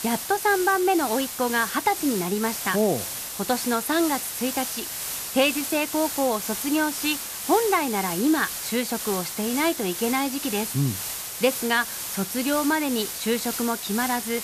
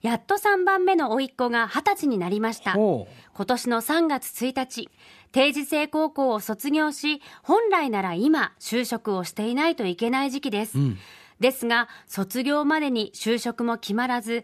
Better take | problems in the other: second | hiss; loud; throughout; 5 dB below the speech

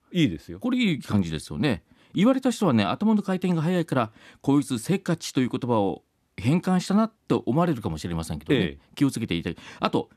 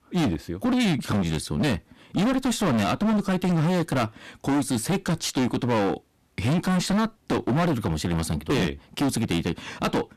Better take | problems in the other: first | distortion; heavy; 27% of the sound clipped

